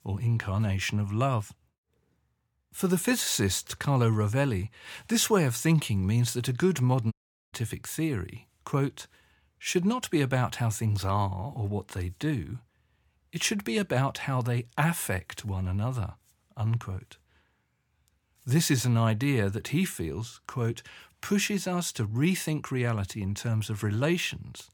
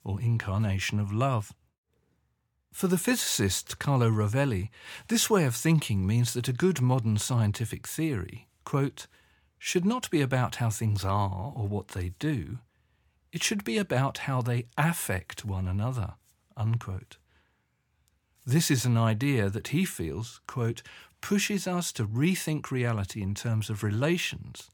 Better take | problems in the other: second | audio cutting out; at 7 s

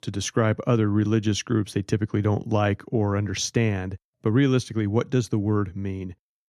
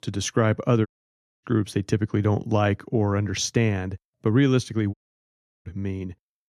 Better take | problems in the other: first | audio cutting out; at 1 s for 0.5 s and at 5 s for 0.5 s

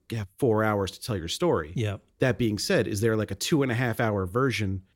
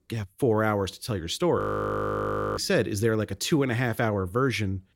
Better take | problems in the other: first | audio freezing; at 1.5 s for 1 s

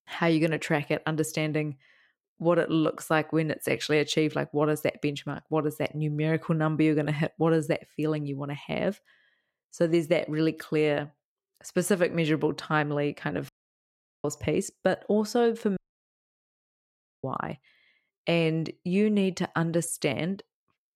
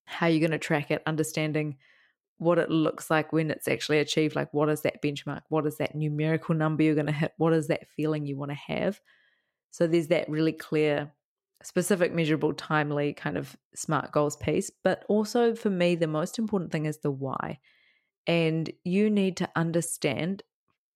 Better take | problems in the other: second | audio cutting out; at 13 s for 1 s and at 16 s for 1.5 s

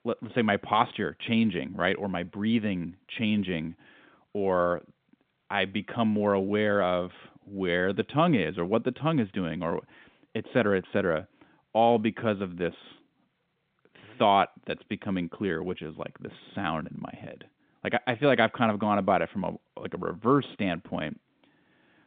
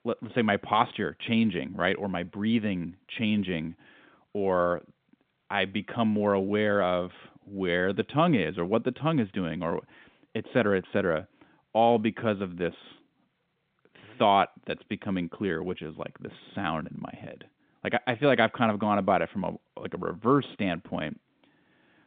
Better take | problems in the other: neither | phone-call audio; nothing above 3.5 kHz; the same in both

